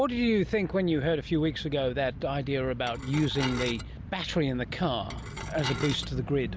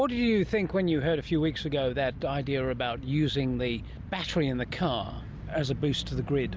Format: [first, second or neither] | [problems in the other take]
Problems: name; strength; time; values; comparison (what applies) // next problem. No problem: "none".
second | background sound (Dishes, pots, and pans / Glass); 10 dB below the speech